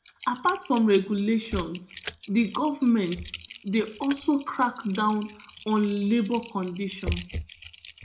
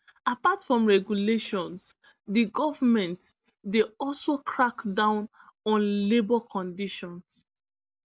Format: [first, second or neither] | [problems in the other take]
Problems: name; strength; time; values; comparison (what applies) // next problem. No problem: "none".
second | background sound (Typing); 14 dB below the speech // room echo; dies away in 0.4 s